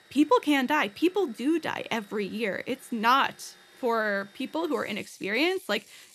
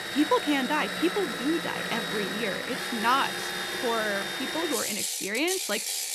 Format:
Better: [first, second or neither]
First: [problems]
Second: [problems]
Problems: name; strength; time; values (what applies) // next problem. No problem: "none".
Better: first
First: machinery noise; faint; throughout; 25 dB below the speech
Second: machinery noise; loud; throughout; 1 dB below the speech